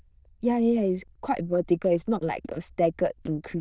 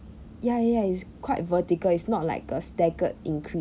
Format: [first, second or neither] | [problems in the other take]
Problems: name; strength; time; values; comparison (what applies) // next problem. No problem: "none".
second | noise reduction (neural diffusion model UNIVERSE++)